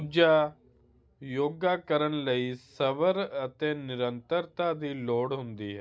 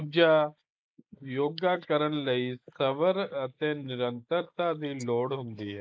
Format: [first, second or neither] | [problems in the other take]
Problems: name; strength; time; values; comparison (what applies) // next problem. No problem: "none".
first | noise reduction (neural mask model Resemble Enhance denoiser)